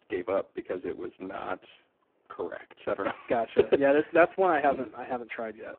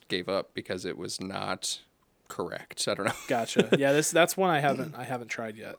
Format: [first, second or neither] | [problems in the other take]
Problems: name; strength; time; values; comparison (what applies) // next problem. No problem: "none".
second | phone-call audio; poor line